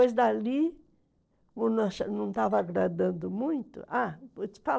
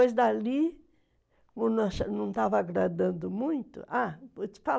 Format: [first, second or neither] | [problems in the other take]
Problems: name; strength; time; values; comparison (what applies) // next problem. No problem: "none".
second | noise reduction (neural separator model SepFormer DNS4)